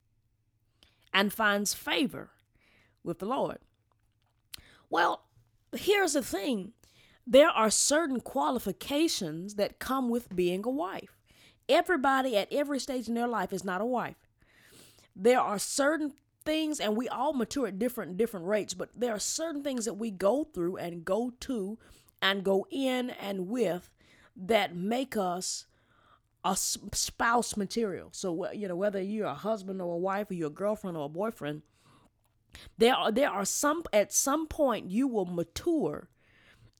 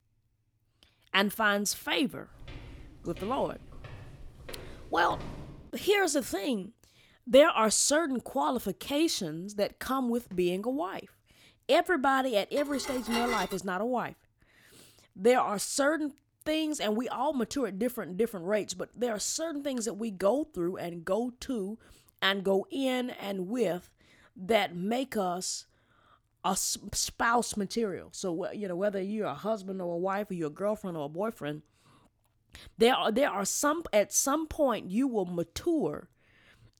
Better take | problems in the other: first | footsteps; faint; from 2.5 to 5.5 s; peak 10 dB below the speech // clattering dishes; noticeable; from 13 to 14 s; peak 3 dB below the speech

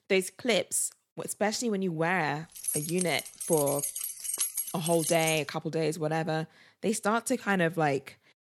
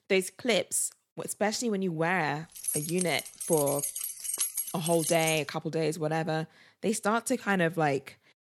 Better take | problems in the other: neither | jangling keys; loud; from 2.5 to 5.5 s; peak level with the speech; the same in both

